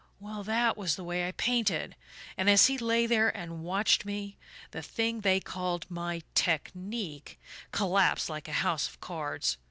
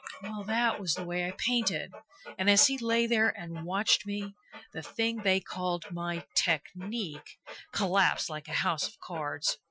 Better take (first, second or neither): first